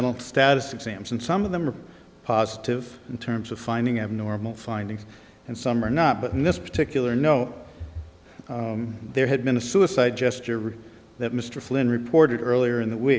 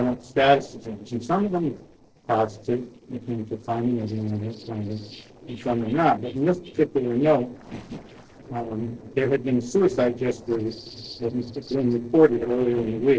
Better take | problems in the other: first | noise reduction (neural separator model SepFormer DNS4)

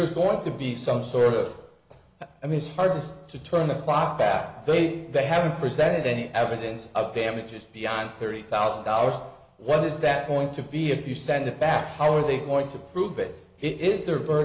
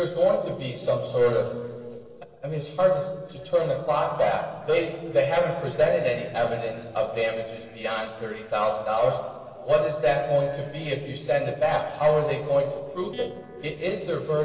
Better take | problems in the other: first | noise reduction (neural separator model SepFormer DNS4)

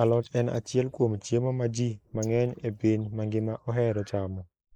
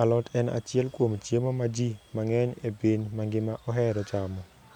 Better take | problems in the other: second | noise reduction (neural mask model Resemble Enhance denoiser)

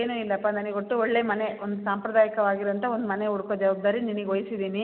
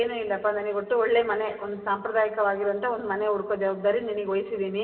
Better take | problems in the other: first | room echo; dies away in 2.8 s

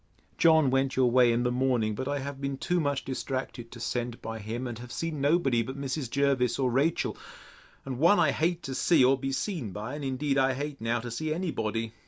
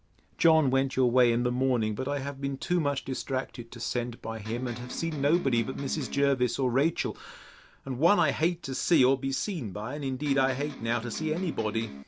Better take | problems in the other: first | background sound (Electric guitar); 12 dB below the speech

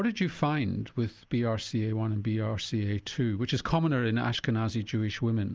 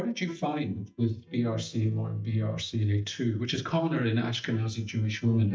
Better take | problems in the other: first | noise reduction (neural mask model DeepFilterNet 3)

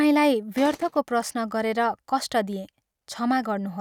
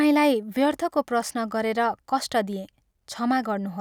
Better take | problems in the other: second | noise reduction (neural mask model RNNoise)

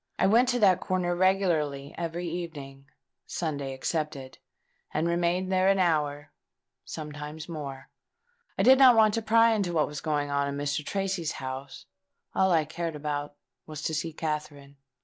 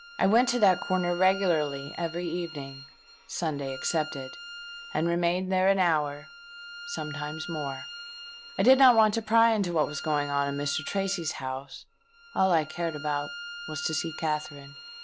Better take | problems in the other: first | background sound (Bowed string instrument); 14 dB below the speech

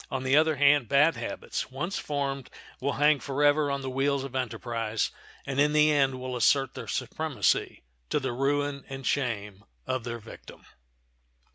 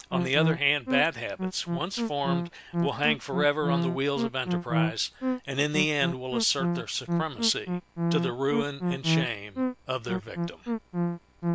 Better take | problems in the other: first | background sound (Musical instrument); as loud as the speech

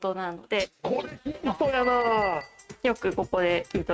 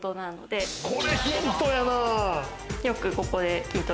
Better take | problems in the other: second | noise reduction (neural mask model RNNoise)

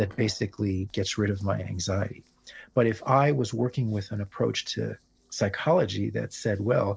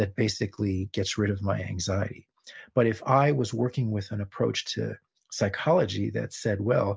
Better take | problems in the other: second | noise reduction (neural separator model SepFormer DNS4)

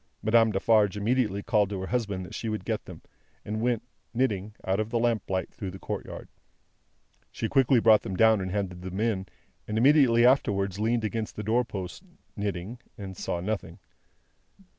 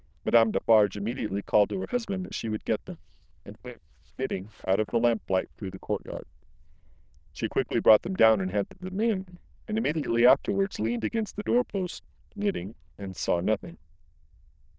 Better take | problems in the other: first | noise reduction (neural diffusion model UNIVERSE++)

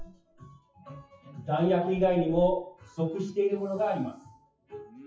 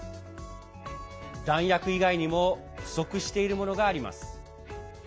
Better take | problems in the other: second | noise reduction (classical method WPE with log-MMSE)

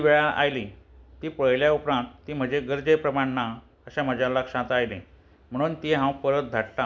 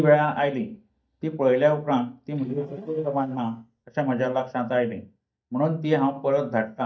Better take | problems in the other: first | noise reduction (neural mask model DeepFilterNet 3)

